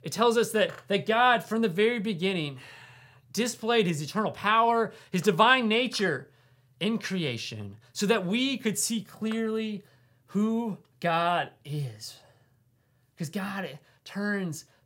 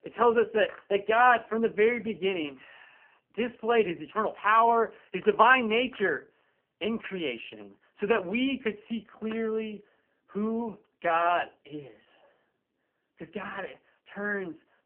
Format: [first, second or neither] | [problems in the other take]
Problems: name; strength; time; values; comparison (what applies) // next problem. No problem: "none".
first | phone-call audio; poor line; nothing above 3 kHz